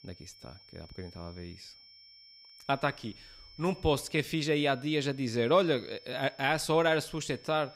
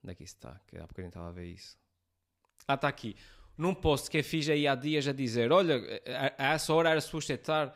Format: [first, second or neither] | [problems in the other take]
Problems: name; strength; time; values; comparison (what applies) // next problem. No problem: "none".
second | high-pitched whine; faint; throughout; 5.5 kHz, 25 dB below the speech